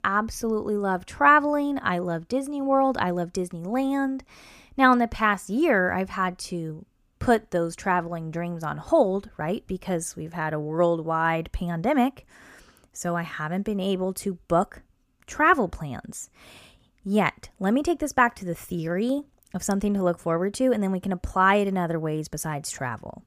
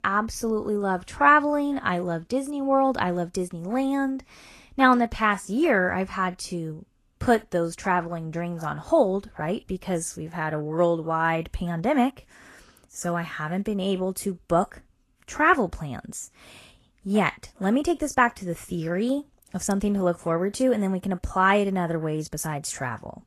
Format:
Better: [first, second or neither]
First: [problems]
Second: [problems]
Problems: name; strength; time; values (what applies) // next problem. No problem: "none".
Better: first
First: none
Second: garbled, watery; slightly; nothing above 12.5 kHz